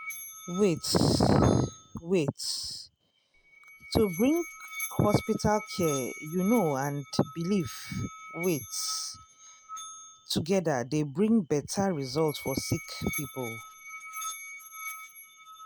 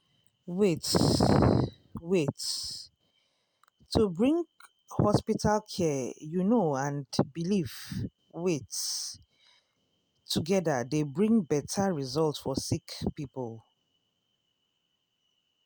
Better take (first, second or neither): second